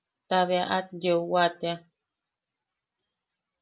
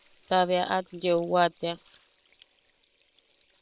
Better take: first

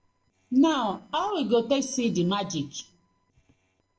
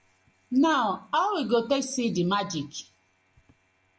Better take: second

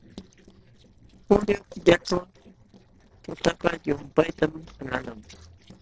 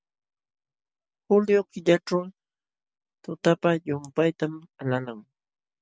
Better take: second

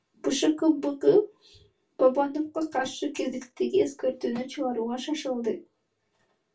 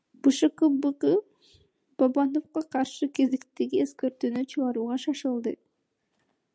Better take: second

